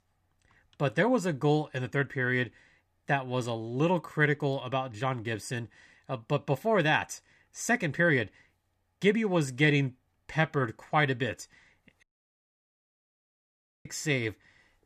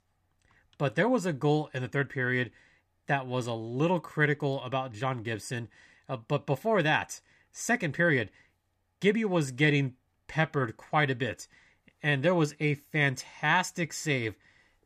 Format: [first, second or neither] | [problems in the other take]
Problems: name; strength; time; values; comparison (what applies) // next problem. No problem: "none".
second | audio cutting out; at 12 s for 2 s